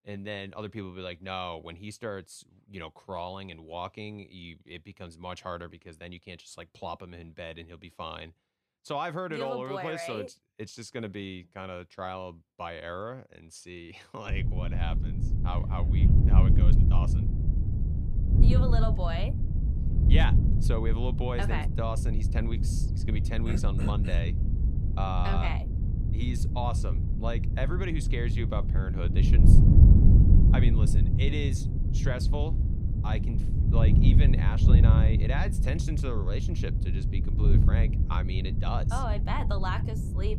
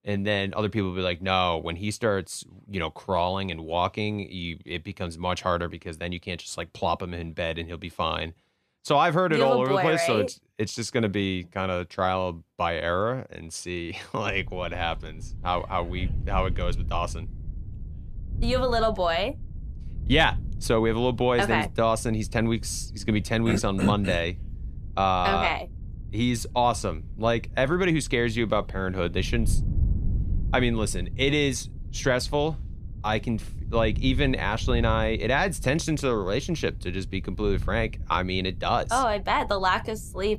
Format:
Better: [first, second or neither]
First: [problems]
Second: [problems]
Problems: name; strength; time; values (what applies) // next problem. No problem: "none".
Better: second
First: wind noise on the microphone; heavy; from 14 s on; 3 dB below the speech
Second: wind noise on the microphone; occasional gusts; from 14 s on; 25 dB below the speech